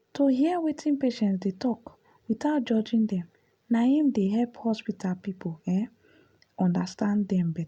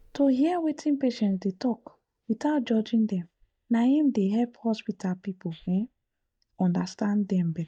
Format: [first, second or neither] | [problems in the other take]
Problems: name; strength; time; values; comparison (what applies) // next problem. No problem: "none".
first | noise reduction (neural mask model DeepFilterNet 3)